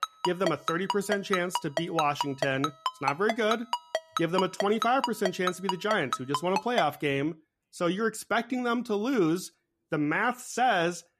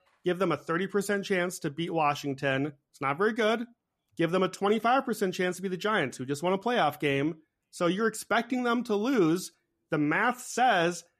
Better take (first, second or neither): second